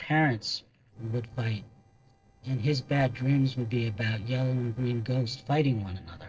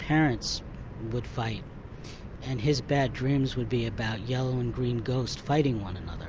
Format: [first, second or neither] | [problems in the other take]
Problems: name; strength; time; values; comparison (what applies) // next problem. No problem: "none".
second | noise reduction (neural separator model SepFormer DNS4)